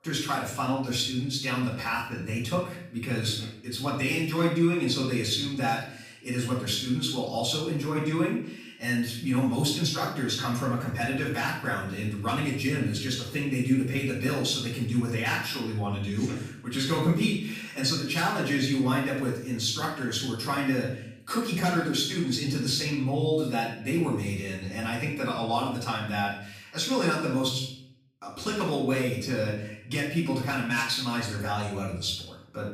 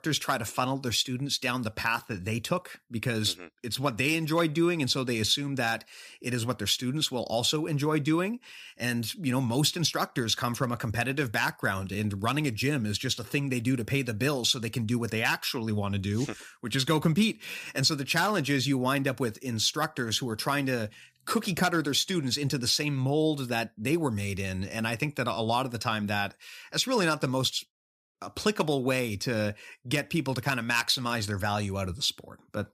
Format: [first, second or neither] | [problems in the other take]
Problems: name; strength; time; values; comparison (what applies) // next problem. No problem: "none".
second | off-mic speech; far // room echo; noticeable; dies away in 0.6 s